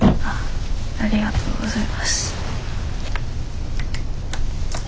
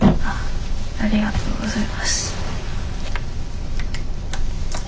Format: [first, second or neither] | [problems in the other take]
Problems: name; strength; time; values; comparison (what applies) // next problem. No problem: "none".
first | room echo; dies away in 0.7 s